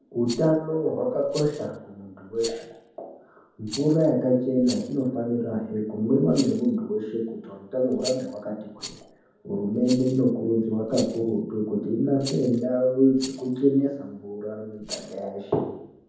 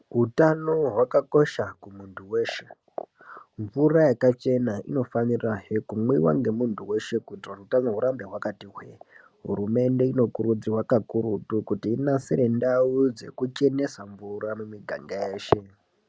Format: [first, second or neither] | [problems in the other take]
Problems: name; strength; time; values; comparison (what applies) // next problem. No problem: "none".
second | background sound (Rattle); 19 dB below the speech // room echo; dies away in 0.9 s